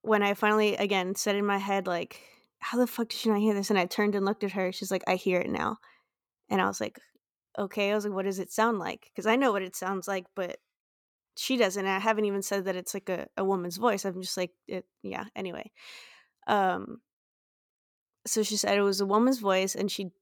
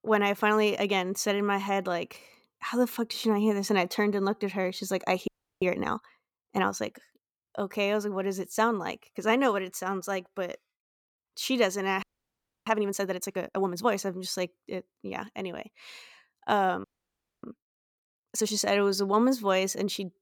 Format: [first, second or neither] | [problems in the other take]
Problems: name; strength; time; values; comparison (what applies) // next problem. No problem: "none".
first | audio freezing; at 5.5 s, at 12 s for 0.5 s and at 17 s for 0.5 s